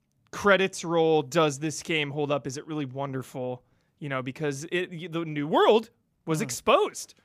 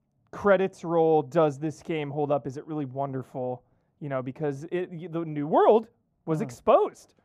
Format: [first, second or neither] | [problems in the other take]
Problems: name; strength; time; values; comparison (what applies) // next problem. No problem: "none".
first | muffled; very; fading above 1.5 kHz